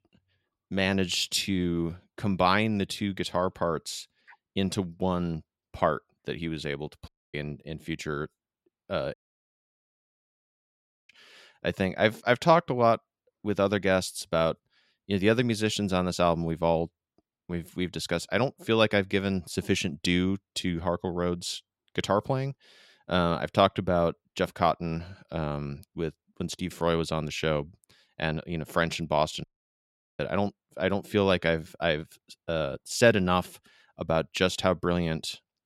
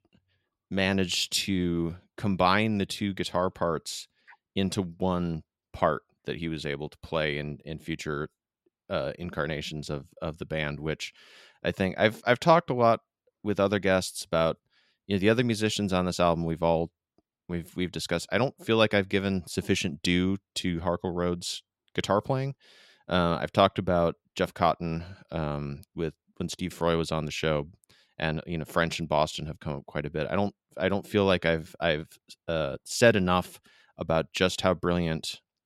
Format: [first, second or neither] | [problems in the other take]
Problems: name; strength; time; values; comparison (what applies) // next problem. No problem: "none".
second | audio cutting out; at 7 s, at 9 s for 2 s and at 29 s for 1 s